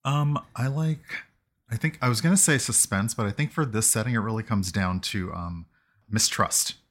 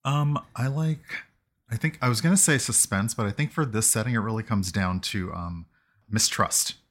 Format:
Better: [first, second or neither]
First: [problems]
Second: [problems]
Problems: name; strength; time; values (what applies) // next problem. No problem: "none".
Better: neither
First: none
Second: none